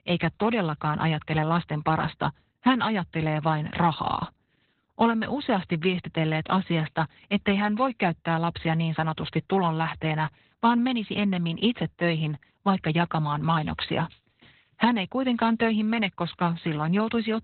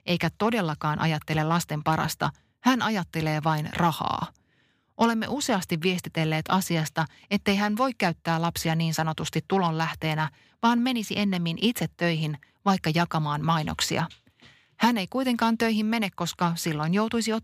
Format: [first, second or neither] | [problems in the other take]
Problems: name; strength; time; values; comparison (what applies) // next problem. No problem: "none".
second | garbled, watery; badly; nothing above 4 kHz